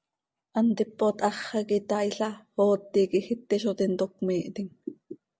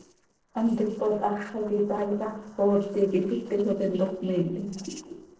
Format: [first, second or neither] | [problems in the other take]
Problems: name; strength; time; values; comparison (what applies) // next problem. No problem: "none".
first | noise reduction (neural separator model SepFormer DNS4)